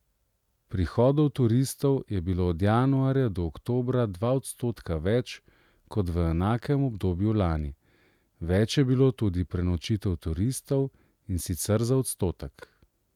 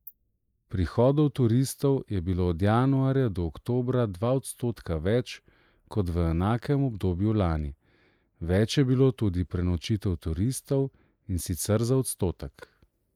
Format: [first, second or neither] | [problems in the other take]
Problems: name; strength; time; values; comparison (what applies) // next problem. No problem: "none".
first | noise reduction (neural mask model Resemble Enhance denoiser)